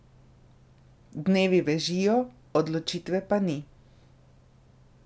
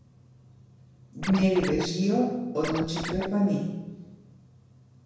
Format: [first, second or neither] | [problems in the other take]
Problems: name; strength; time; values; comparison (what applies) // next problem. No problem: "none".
first | background sound (Scratching (performance technique)); 7 dB below the speech // room echo; dies away in 1 s